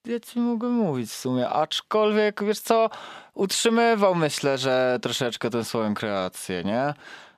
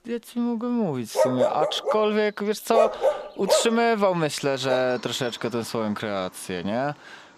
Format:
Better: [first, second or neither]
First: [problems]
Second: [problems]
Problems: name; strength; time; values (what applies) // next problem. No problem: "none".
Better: first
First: none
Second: animal sounds; loud; throughout; 1 dB below the speech